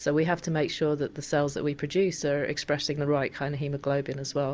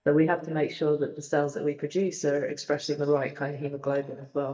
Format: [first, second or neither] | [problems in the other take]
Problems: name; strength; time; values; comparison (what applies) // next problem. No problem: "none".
first | noise reduction (neural mask model DeepFilterNet 3)